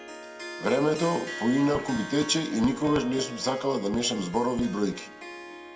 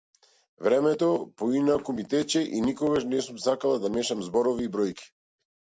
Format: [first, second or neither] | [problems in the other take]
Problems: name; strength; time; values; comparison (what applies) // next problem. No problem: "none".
second | background sound (Harp); 13 dB below the speech // room echo; dies away in 0.6 s